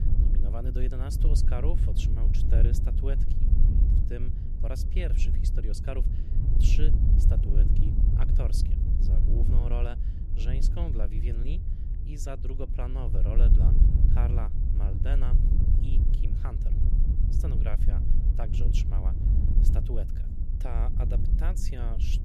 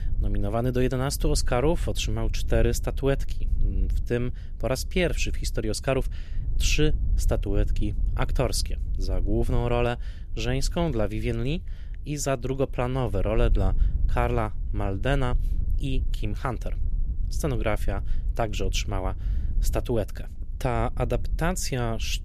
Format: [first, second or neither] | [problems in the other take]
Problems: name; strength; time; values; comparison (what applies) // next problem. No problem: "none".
second | wind noise on the microphone; heavy; 2 dB below the speech; occasional gusts in the second